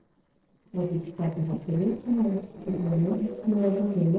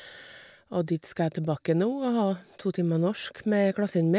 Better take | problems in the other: second | noise reduction (neural separator model SepFormer DNS4)

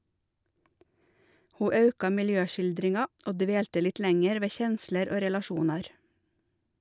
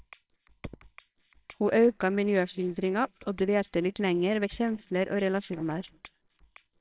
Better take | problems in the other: first | noise reduction (neural separator model SepFormer WHAMR!)

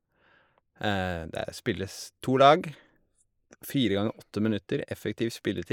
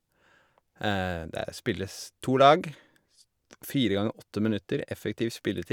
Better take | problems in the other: second | noise reduction (neural mask model Resemble Enhance denoiser)

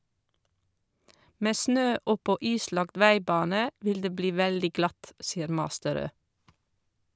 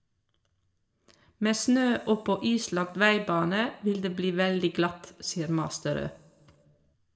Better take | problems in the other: first | room echo; dies away in 1.3 s

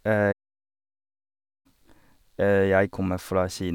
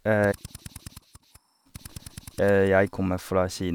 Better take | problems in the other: first | background sound (Drill); 19 dB below the speech

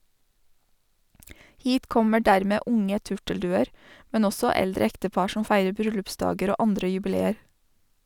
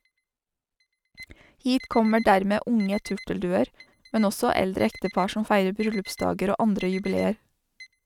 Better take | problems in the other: first | noise reduction (neural mask model RNNoise)

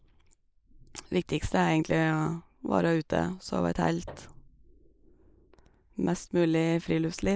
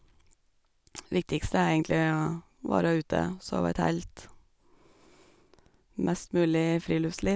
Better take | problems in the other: second | noise reduction (neural mask model Resemble Enhance denoiser)

